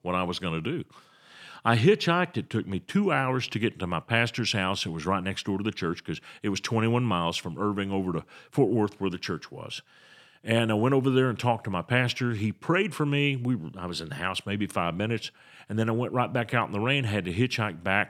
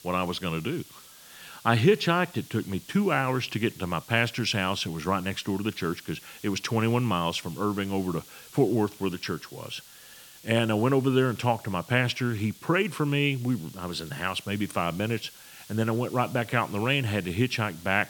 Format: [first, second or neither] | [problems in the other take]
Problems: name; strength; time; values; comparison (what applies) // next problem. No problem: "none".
first | hiss; noticeable; throughout; 20 dB below the speech